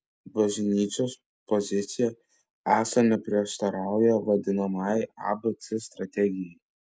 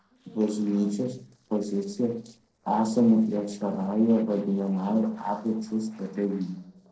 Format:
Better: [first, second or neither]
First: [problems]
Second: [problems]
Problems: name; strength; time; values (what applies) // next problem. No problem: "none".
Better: first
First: none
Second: noise reduction (neural separator model SepFormer DNS4)